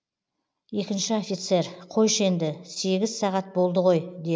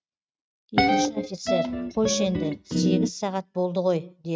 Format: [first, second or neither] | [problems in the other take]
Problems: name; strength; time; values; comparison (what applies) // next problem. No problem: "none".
first | noise reduction (neural mask model RNNoise)